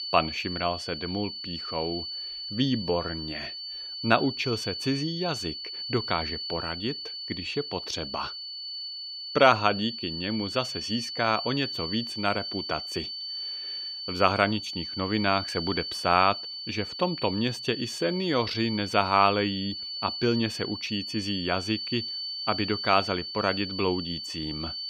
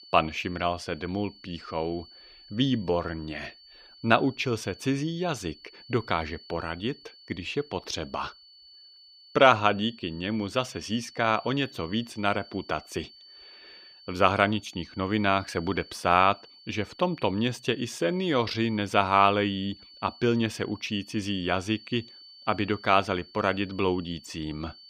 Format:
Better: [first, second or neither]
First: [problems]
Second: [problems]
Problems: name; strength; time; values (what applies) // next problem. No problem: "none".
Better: second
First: high-pitched whine; loud; throughout; 4.5 kHz, 5 dB below the speech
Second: high-pitched whine; faint; throughout; 4.5 kHz, 20 dB below the speech